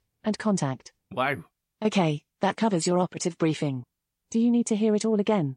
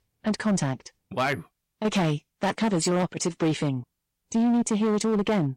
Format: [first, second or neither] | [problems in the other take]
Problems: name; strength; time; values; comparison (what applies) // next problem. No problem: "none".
first | distortion; slight; 12% of the sound clipped